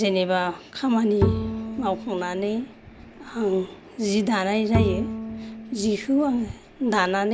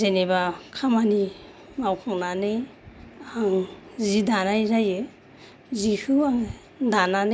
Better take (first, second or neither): second